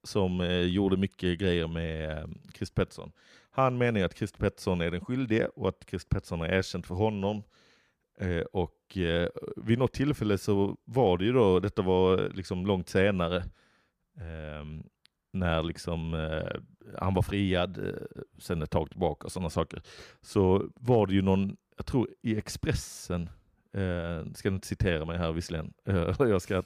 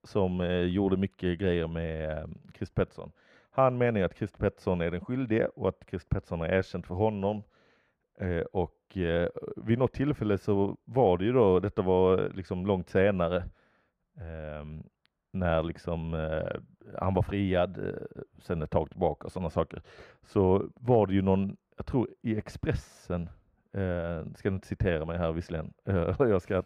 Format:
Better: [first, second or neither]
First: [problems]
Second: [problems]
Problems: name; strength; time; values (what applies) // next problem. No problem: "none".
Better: first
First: none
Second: muffled; slightly; fading above 3.5 kHz